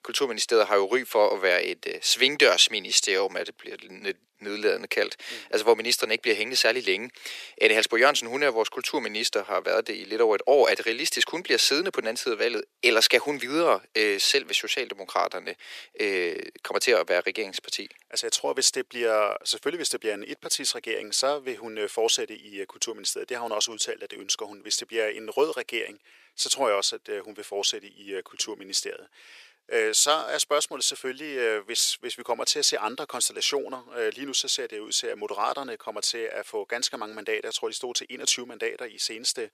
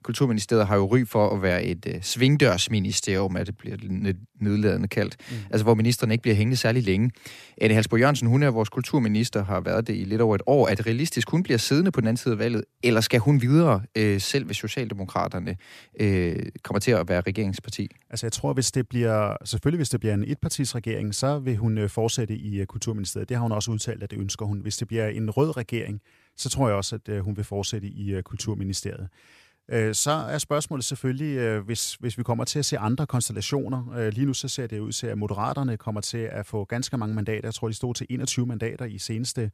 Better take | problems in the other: second | thin; very; fading below 400 Hz

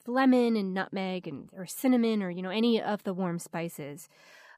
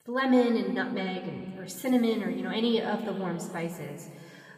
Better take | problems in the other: first | room echo; slight; dies away in 2.2 s

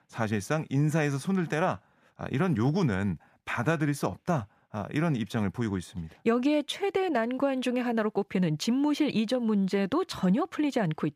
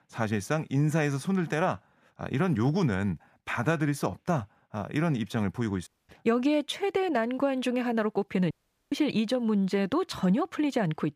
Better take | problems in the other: first | audio cutting out; at 6 s and at 8.5 s

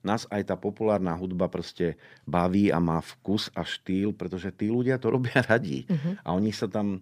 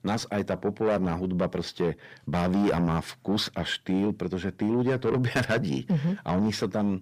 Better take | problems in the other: first | distortion; heavy; 8 dB below the speech

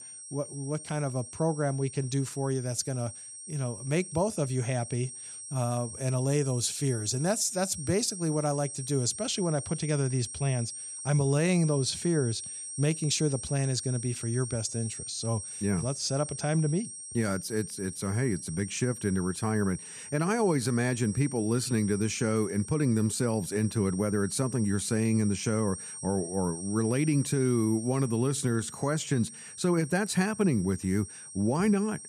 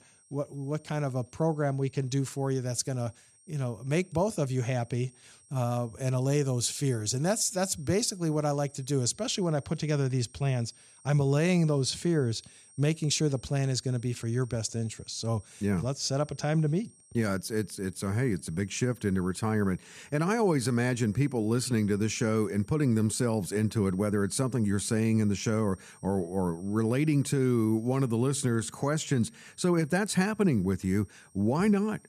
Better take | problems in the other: second | high-pitched whine; loud; throughout; 8.5 kHz, 10 dB below the speech; faint in the second

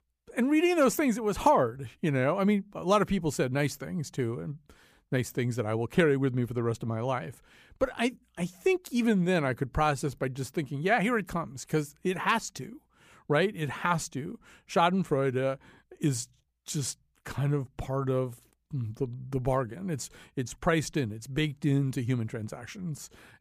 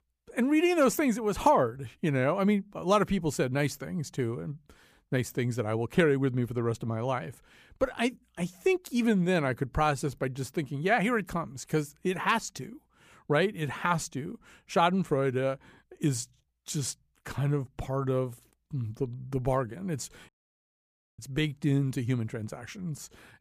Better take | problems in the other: first | audio cutting out; at 20 s for 1 s

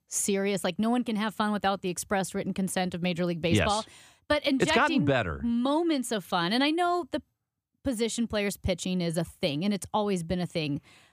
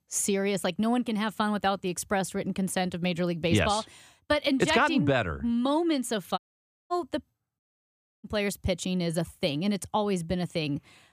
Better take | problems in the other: first | audio cutting out; at 6.5 s for 0.5 s and at 7.5 s for 0.5 s

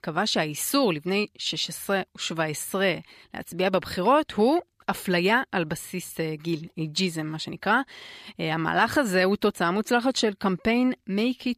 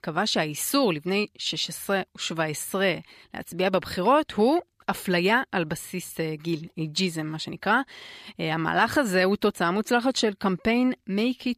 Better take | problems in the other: neither | none

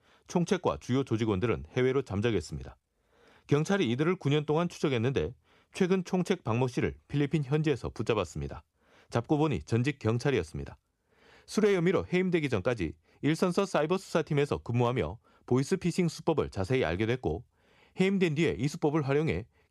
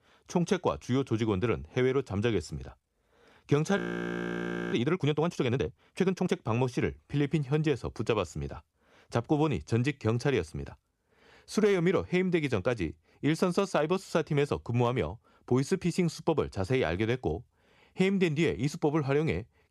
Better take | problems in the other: first | audio freezing; at 4 s for 1 s

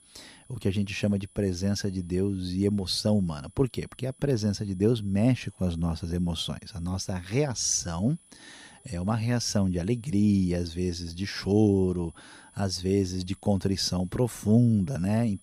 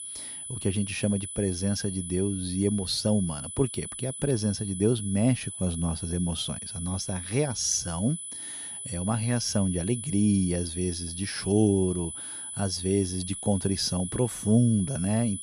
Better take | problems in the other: first | high-pitched whine; loud; throughout; 10 kHz, 7 dB below the speech; faint in the first

